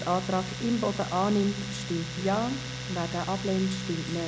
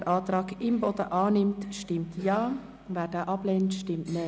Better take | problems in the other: second | background sound (Domestic sounds, home sounds); 7 dB below the speech

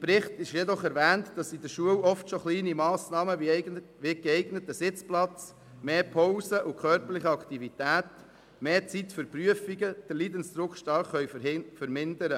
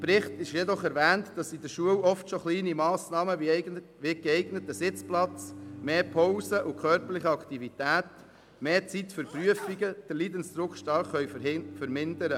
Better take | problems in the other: first | background sound (Bowed string instrument + Sneeze); 18 dB below the speech

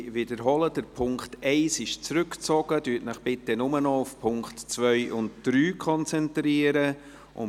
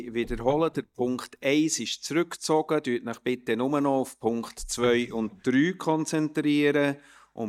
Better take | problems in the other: first | noise reduction (neural mask model DeepFilterNet 3)

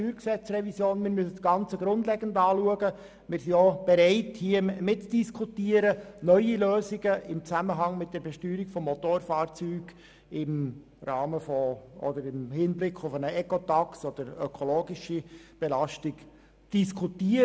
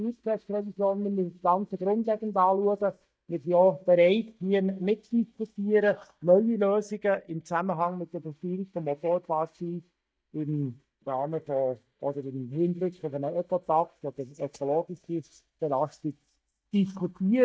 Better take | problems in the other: first | noise reduction (neural mask model DeepFilterNet 3)

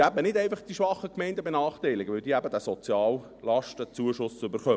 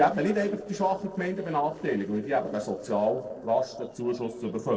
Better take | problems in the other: first | noise reduction (neural separator model SepFormer DNS4)

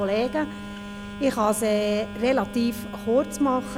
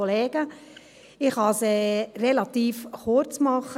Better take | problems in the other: second | background sound (Telephone); 11 dB below the speech

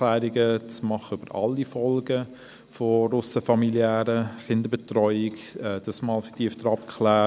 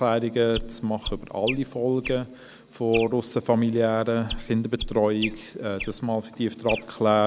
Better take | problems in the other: first | background sound (Chirp, tweet); 12 dB below the speech

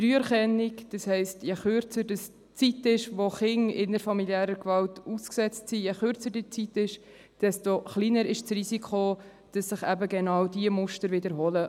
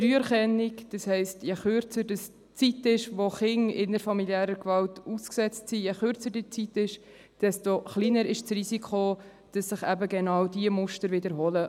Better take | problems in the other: first | background sound (Cowbell); 16 dB below the speech

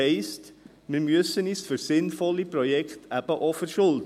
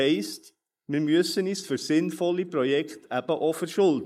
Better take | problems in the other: first | noise reduction (neural mask model Resemble Enhance denoiser)

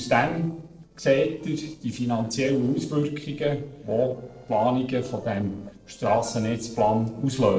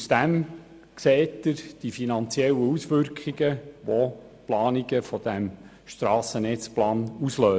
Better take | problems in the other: second | noise reduction (neural separator model SepFormer DNS4)

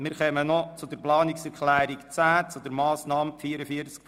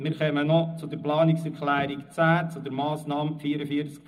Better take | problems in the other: first | room echo; dies away in 0.4 s

